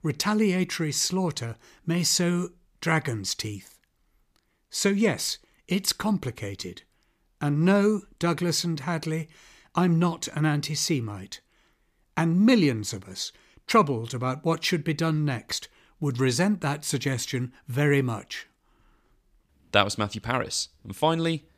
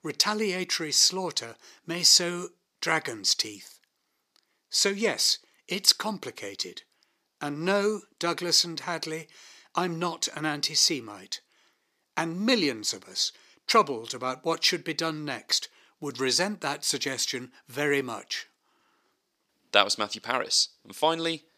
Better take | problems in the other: first | thin; somewhat; fading below 350 Hz

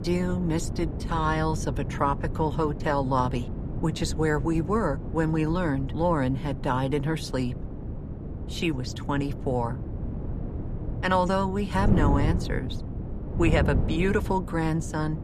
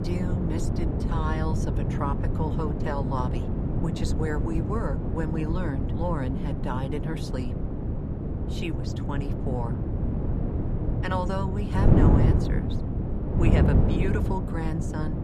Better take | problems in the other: first | wind noise on the microphone; heavy; 1 dB below the speech; occasional gusts in the first

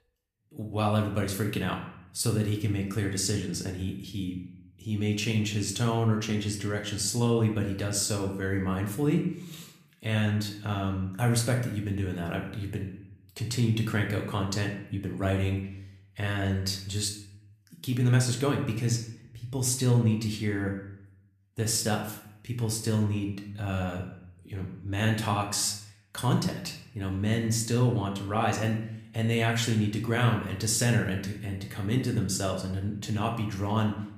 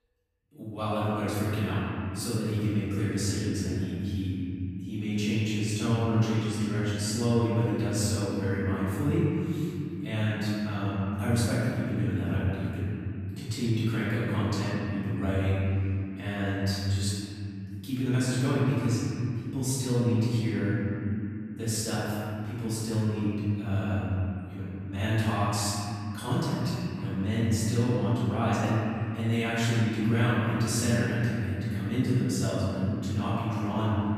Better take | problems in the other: first | room echo; strong; dies away in 3 s; slight in the first // off-mic speech; far; somewhat distant in the first

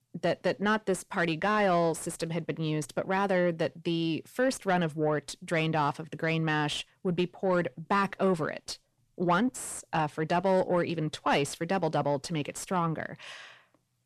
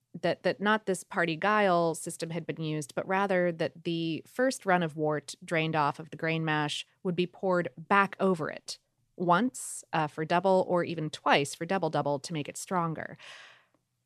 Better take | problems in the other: second | distortion; slight; 10 dB below the speech

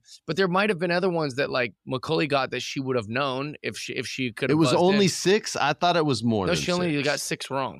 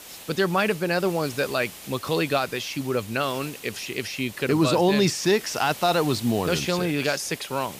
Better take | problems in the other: first | hiss; noticeable; throughout; 15 dB below the speech

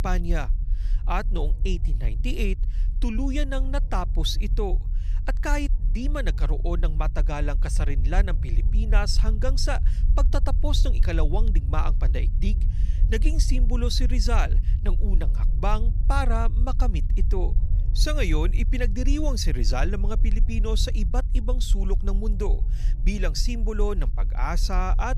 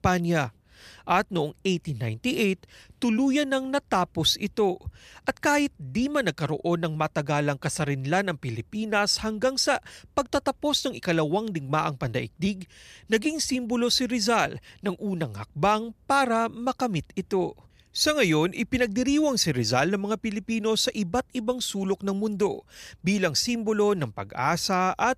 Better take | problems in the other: second | low rumble; noticeable; throughout; 15 dB below the speech

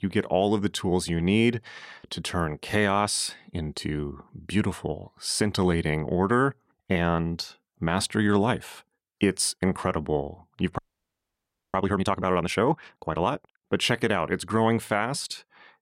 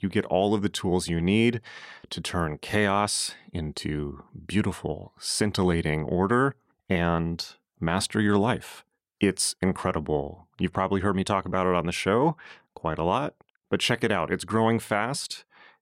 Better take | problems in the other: second | audio freezing; at 11 s for 1 s

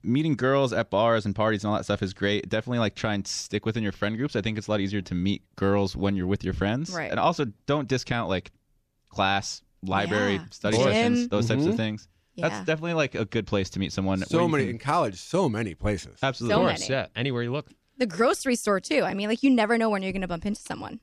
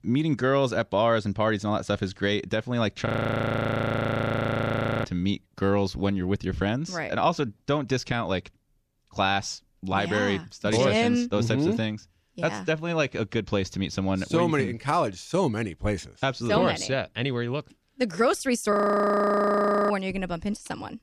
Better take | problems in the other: first | audio freezing; at 3 s for 2 s and at 19 s for 1 s

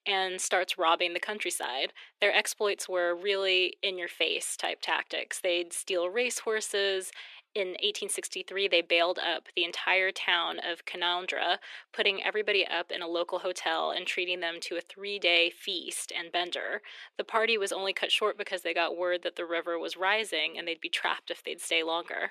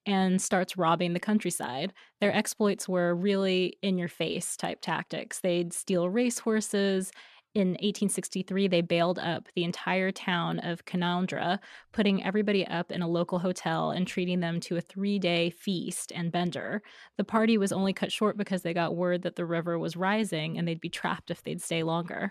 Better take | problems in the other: second | thin; very; fading below 350 Hz

